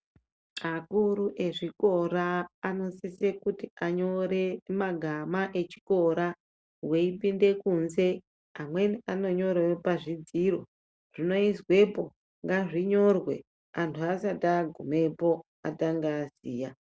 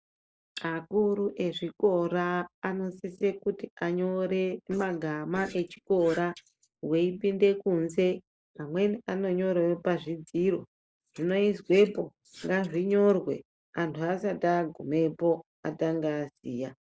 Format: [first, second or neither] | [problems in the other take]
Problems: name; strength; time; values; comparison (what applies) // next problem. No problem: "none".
first | noise reduction (neural mask model Resemble Enhance denoiser)